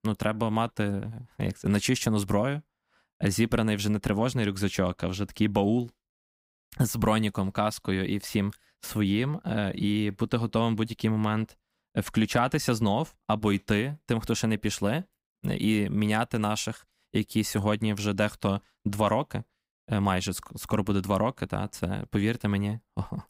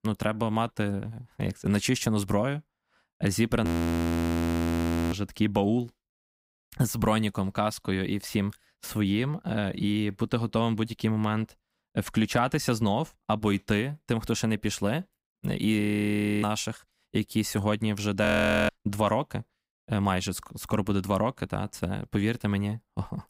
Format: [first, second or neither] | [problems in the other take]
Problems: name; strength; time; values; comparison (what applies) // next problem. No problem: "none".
first | audio freezing; at 3.5 s for 1.5 s, at 16 s for 0.5 s and at 18 s